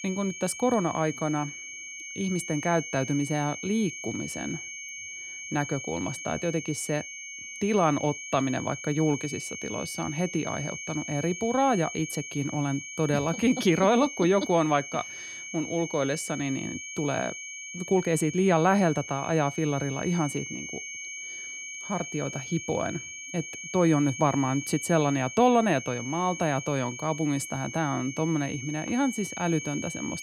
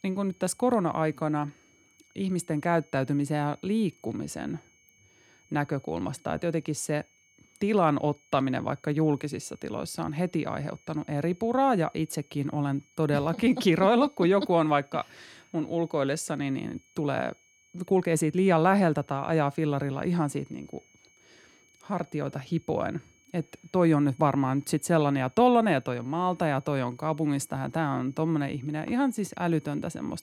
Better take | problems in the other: second | high-pitched whine; loud; throughout; 2.5 kHz, 9 dB below the speech; faint in the second

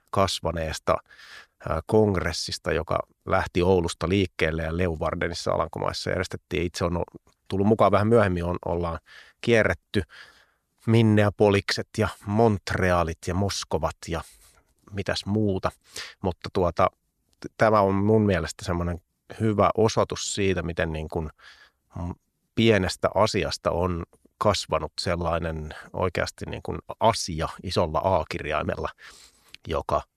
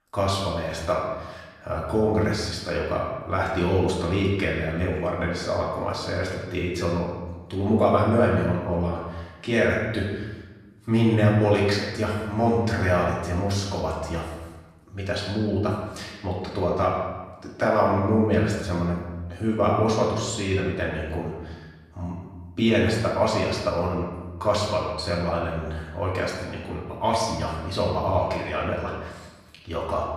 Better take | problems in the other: first | off-mic speech; far // room echo; noticeable; dies away in 1.1 s

